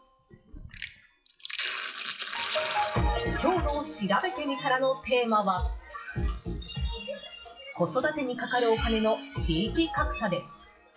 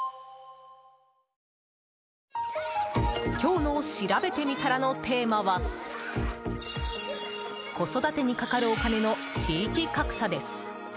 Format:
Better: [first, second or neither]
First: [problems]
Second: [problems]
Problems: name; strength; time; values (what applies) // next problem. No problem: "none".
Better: second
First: noise reduction (classical method WPE with log-MMSE)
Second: none